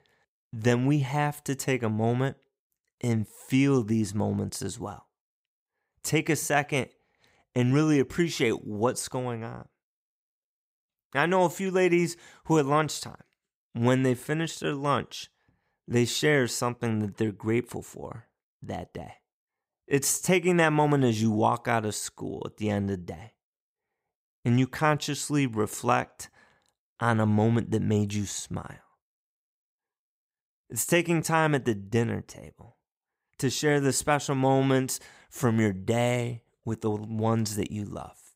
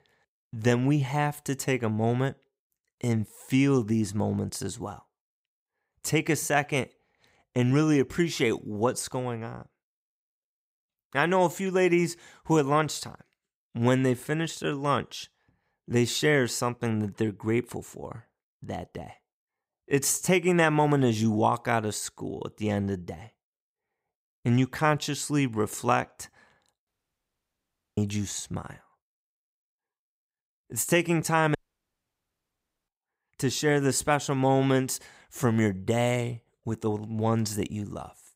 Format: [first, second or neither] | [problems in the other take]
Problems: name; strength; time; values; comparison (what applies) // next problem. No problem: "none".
first | audio cutting out; at 27 s for 1 s and at 32 s for 1.5 s